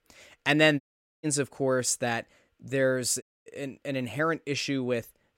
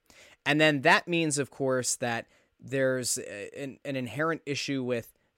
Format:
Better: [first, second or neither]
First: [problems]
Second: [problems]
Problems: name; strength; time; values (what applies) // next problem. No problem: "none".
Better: second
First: audio cutting out; at 1 s and at 3 s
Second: none